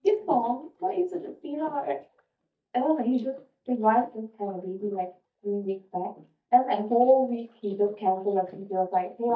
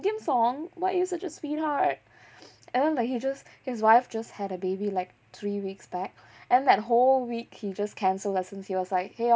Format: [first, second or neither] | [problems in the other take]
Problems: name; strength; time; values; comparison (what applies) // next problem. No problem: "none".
second | noise reduction (neural mask model DeepFilterNet 3)